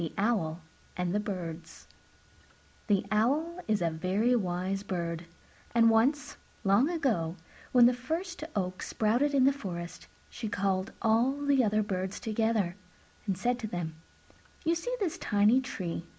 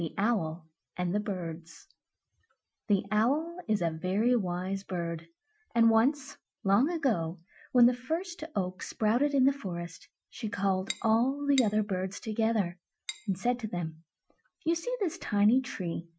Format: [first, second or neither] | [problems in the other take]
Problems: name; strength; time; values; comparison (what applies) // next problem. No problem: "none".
first | noise reduction (classical method Wiener filter)